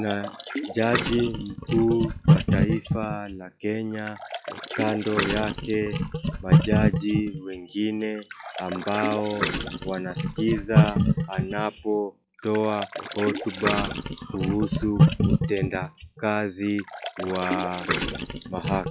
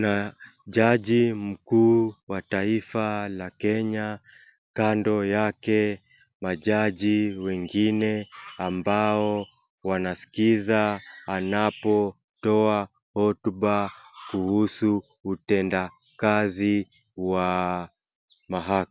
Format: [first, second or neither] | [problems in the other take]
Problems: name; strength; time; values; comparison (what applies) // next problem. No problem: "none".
second | noise reduction (classical method log-MMSE)